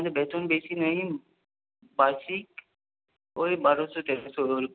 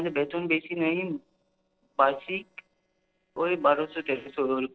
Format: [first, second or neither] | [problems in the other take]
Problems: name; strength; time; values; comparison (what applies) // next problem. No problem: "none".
first | noise reduction (neural separator model SepFormer DNS4)